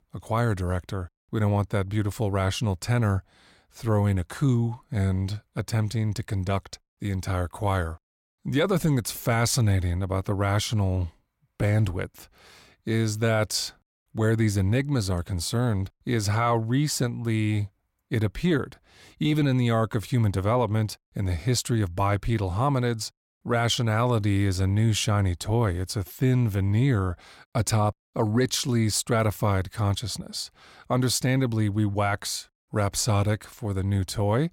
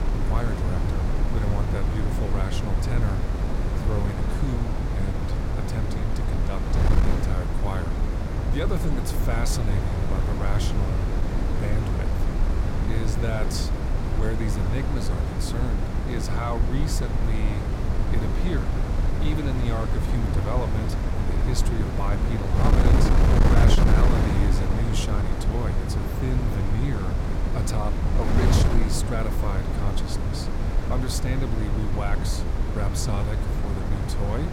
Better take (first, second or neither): first